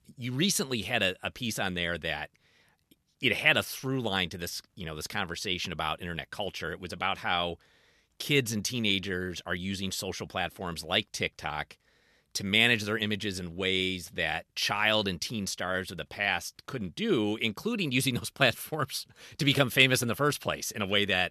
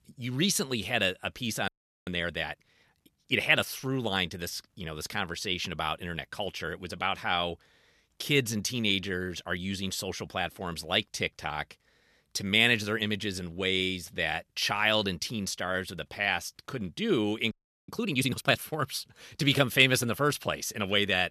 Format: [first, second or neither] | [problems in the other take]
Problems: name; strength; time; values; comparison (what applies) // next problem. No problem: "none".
first | audio freezing; at 1.5 s and at 18 s